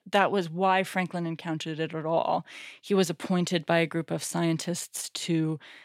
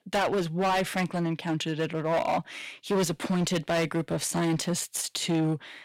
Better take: first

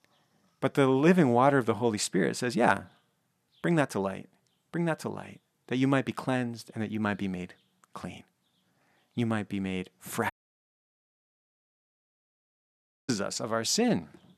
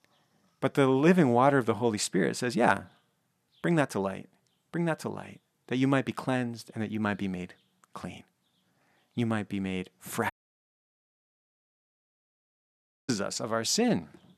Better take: neither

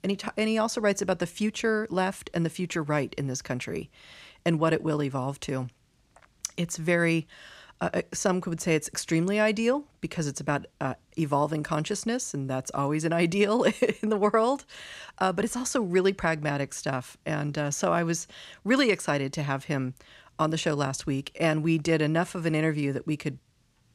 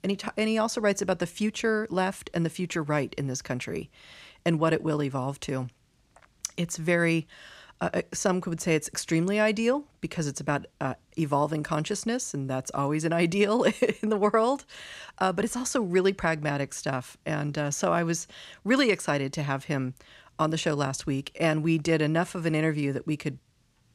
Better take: neither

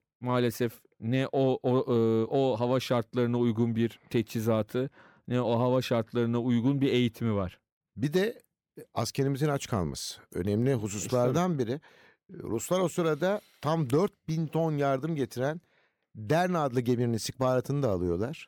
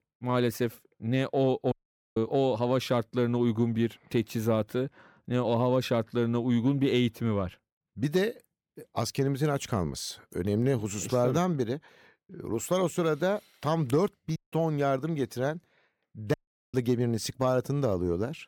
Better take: first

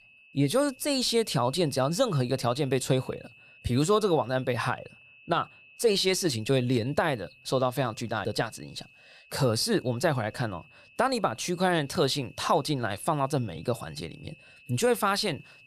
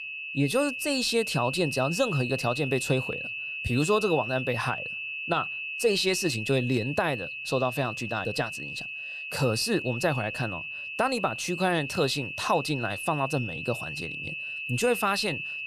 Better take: first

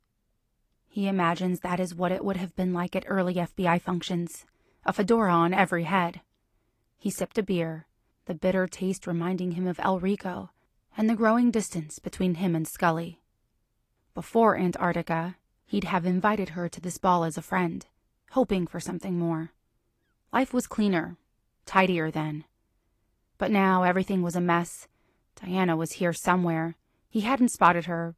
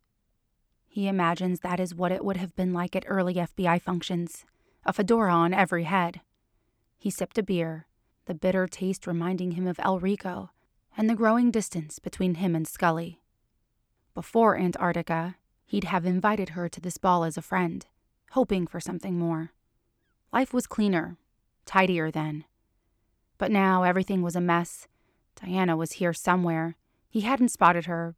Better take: second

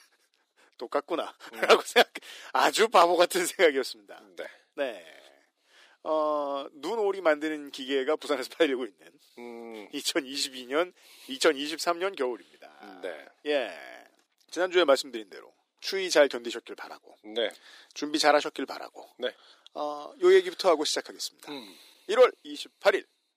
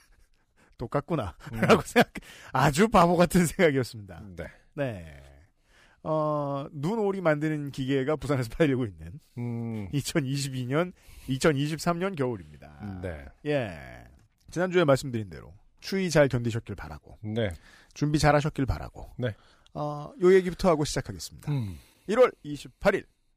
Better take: second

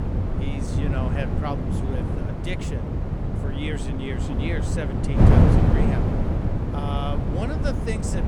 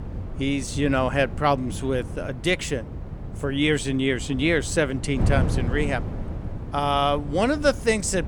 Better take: second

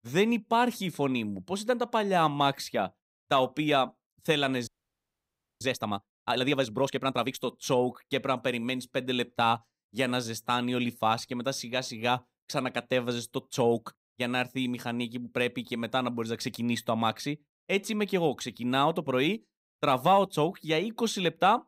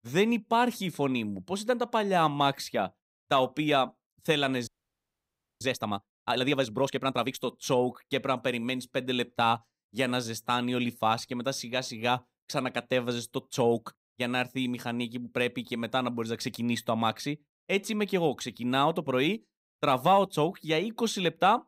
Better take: neither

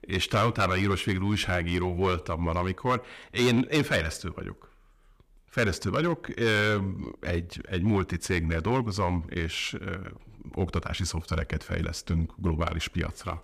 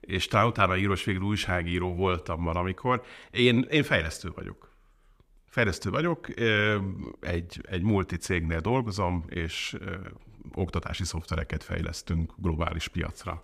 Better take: second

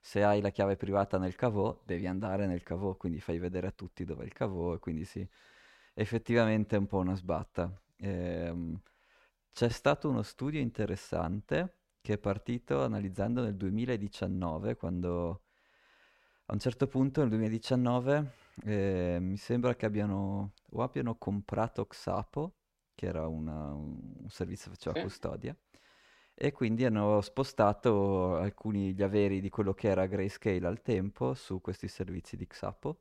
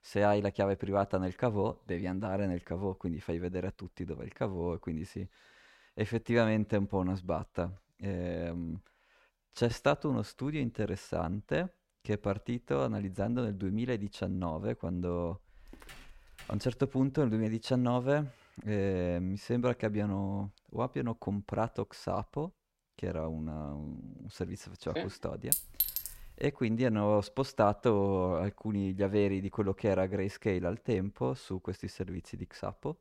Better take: first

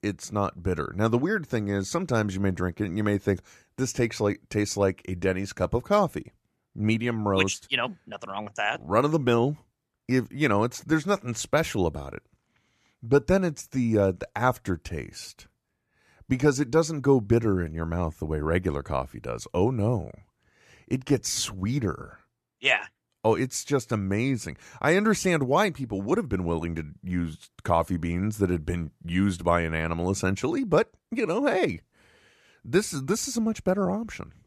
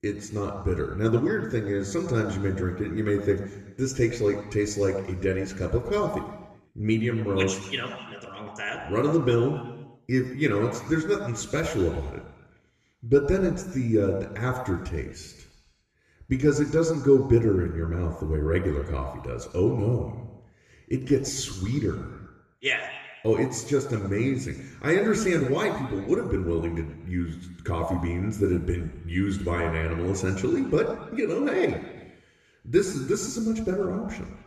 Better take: first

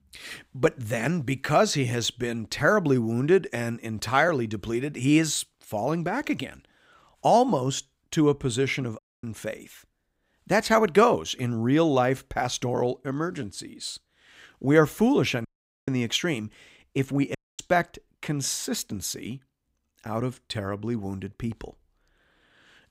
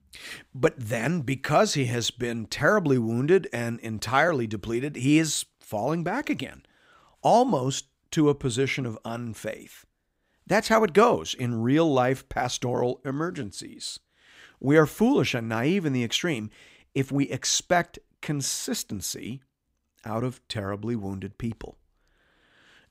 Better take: second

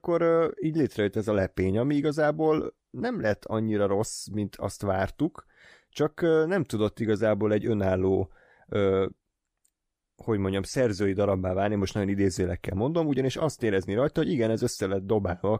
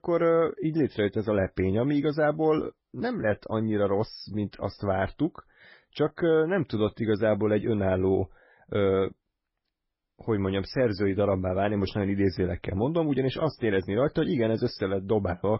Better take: first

